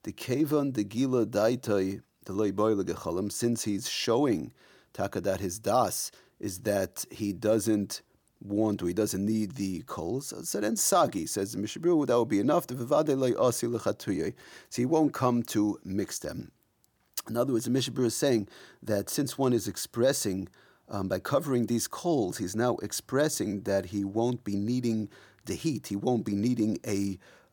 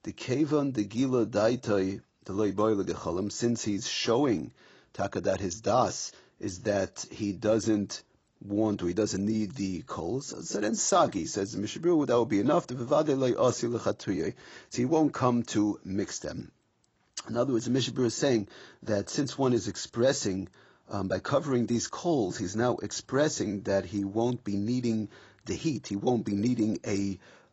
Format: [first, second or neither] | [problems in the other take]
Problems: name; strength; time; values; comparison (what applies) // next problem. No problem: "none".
first | garbled, watery; badly; nothing above 7.5 kHz